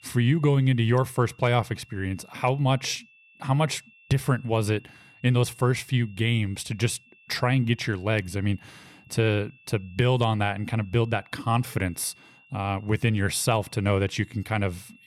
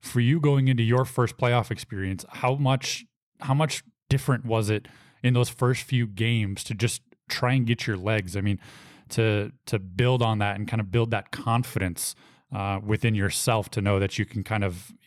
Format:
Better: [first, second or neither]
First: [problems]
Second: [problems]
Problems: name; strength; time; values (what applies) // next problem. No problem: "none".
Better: second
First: high-pitched whine; faint; throughout; 2.5 kHz, 30 dB below the speech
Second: none